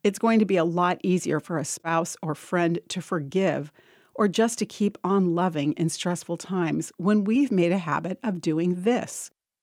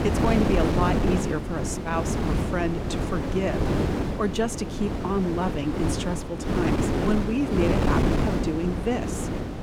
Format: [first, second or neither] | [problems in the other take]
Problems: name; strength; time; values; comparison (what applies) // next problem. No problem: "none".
first | wind noise on the microphone; heavy; as loud as the speech